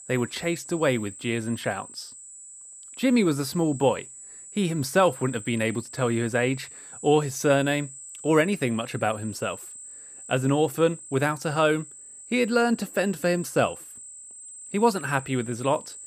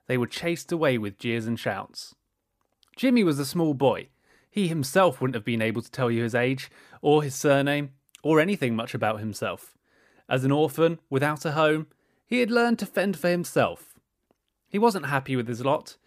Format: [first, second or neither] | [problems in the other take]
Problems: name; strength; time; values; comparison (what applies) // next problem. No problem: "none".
second | high-pitched whine; noticeable; throughout; 8 kHz, 15 dB below the speech